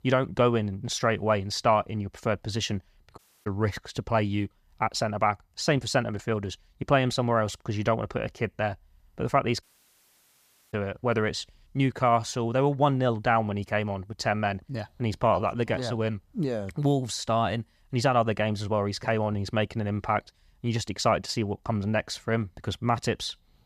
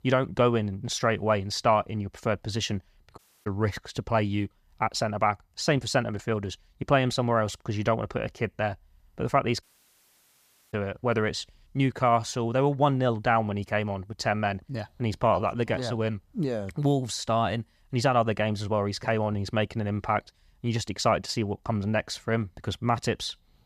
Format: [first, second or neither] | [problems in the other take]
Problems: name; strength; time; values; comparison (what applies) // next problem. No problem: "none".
neither | audio cutting out; at 3 s and at 9.5 s for 1 s; the same in both